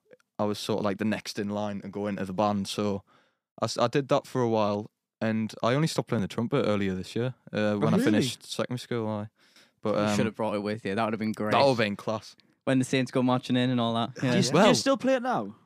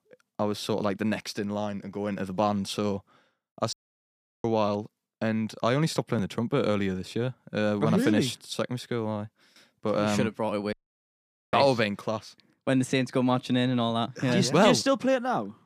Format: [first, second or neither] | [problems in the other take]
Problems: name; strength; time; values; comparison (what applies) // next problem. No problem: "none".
first | audio cutting out; at 3.5 s for 0.5 s and at 11 s for 1 s